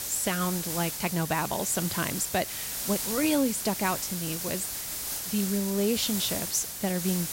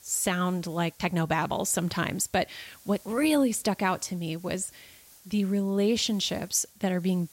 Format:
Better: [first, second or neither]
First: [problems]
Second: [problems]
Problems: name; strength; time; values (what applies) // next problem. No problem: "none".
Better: second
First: hiss; loud; throughout; 2 dB below the speech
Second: hiss; faint; throughout; 25 dB below the speech